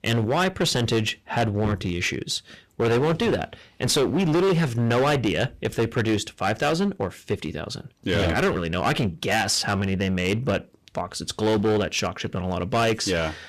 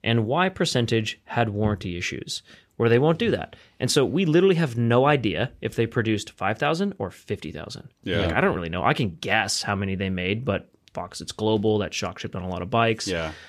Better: second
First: distortion; heavy; 12% of the sound clipped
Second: none

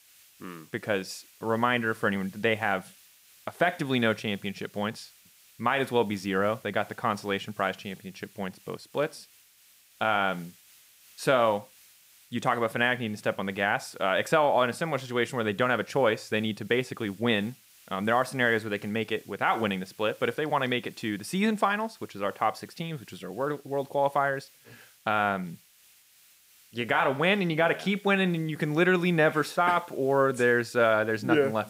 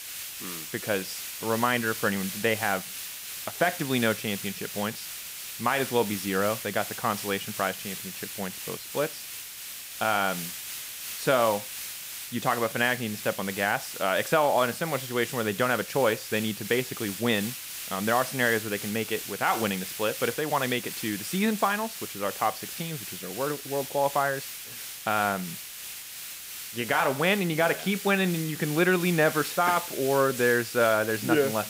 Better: first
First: hiss; faint; throughout; 25 dB below the speech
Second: hiss; loud; throughout; 8 dB below the speech

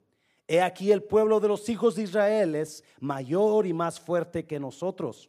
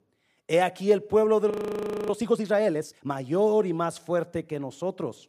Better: first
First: none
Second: audio freezing; at 1.5 s for 0.5 s

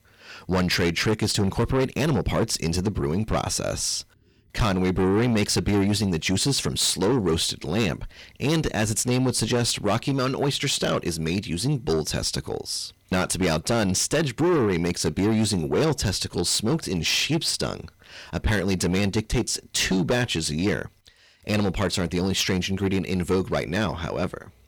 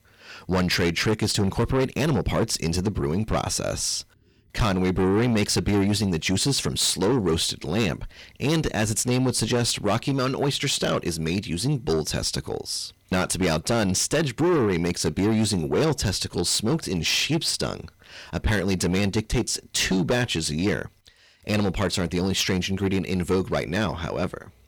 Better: neither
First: distortion; heavy; 8 dB below the speech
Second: distortion; heavy; 8 dB below the speech

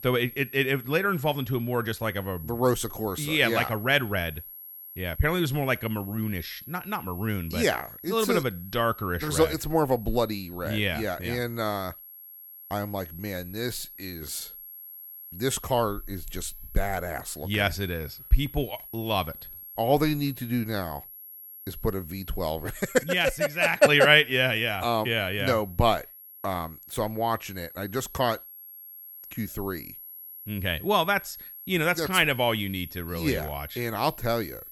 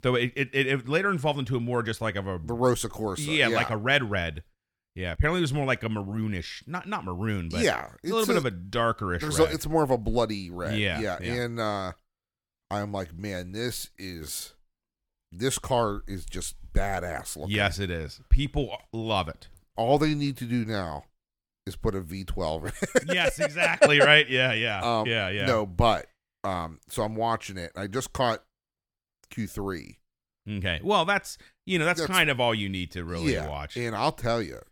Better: second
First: high-pitched whine; noticeable; throughout; 11.5 kHz, 15 dB below the speech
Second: none

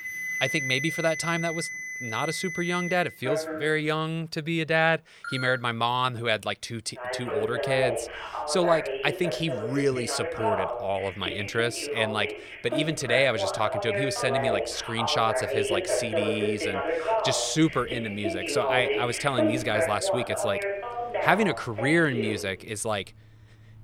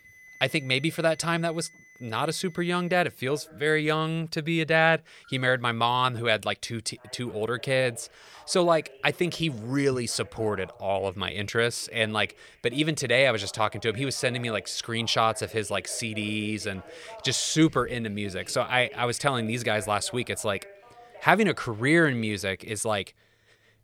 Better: second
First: alarms or sirens; loud; throughout; 3 dB below the speech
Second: alarms or sirens; faint; throughout; 25 dB below the speech

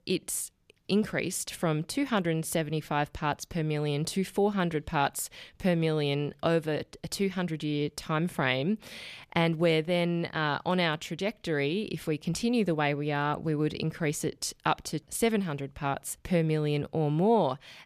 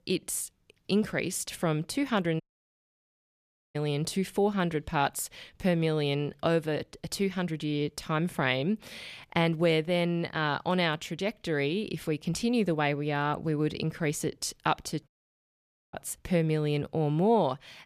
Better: first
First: none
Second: audio cutting out; at 2.5 s for 1.5 s and at 15 s for 1 s

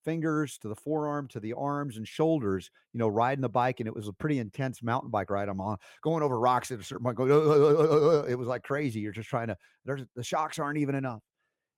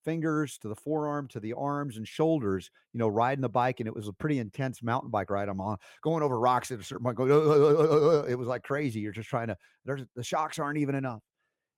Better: neither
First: none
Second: none

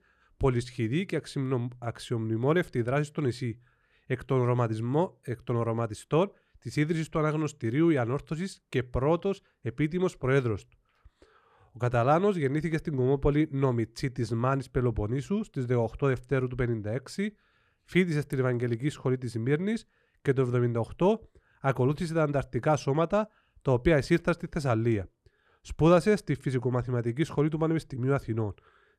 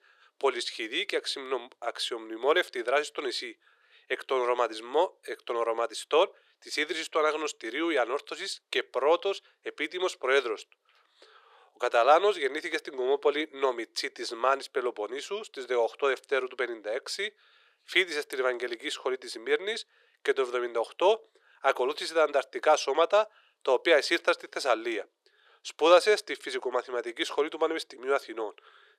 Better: first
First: none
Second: thin; very; fading below 400 Hz

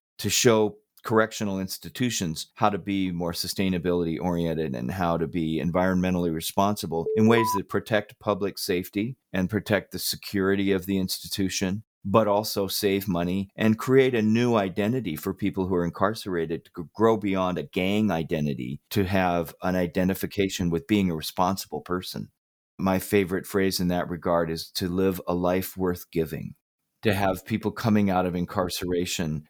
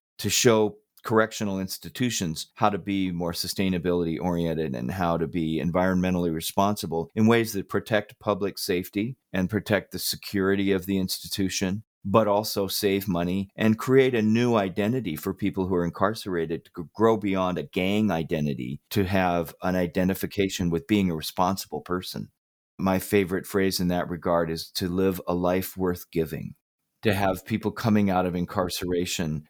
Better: second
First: alarm; noticeable; at 7 s; peak 1 dB below the speech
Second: none

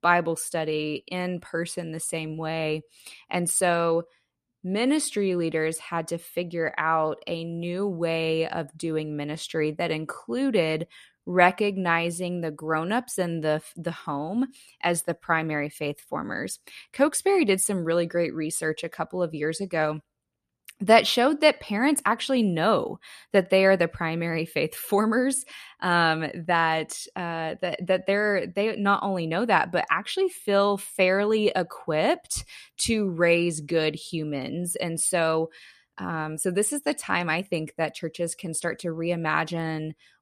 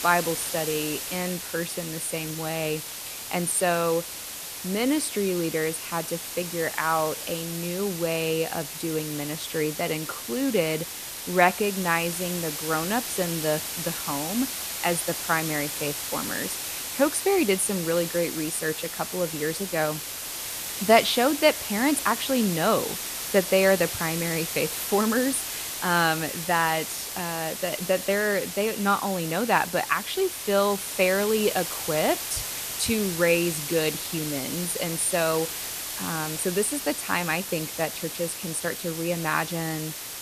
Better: first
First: none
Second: hiss; loud; throughout; 5 dB below the speech

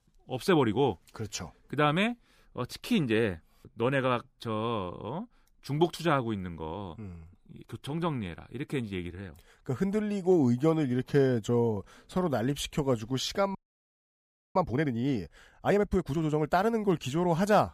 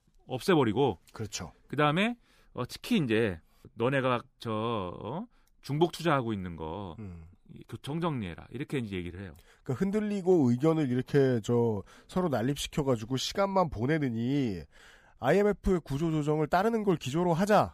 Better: second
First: audio freezing; at 14 s for 1 s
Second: none

